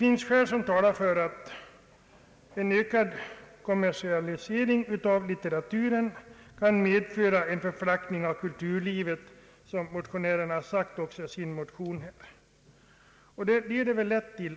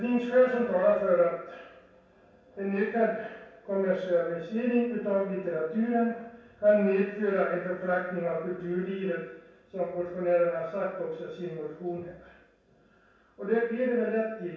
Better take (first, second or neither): first